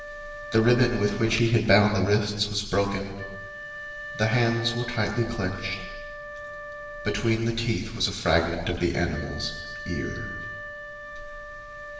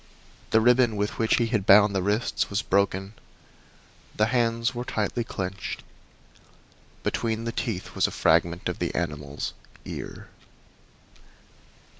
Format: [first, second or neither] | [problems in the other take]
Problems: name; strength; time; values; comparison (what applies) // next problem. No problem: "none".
second | background sound (Wind instrument, woodwind instrument); 13 dB below the speech // room echo; dies away in 1.3 s